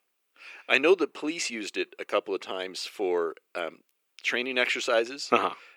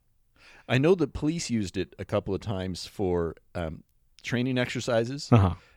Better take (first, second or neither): second